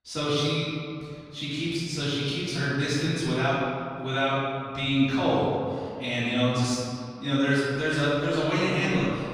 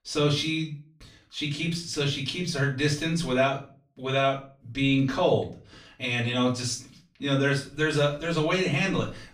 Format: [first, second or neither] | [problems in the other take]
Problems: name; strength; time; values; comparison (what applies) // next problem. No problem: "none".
second | room echo; strong; dies away in 2.2 s; slight in the second // off-mic speech; far; far in the second